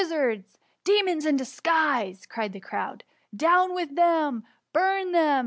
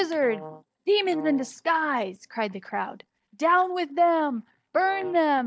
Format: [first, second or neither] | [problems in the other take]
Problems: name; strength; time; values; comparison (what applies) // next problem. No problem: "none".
first | noise reduction (neural mask model DeepFilterNet 3)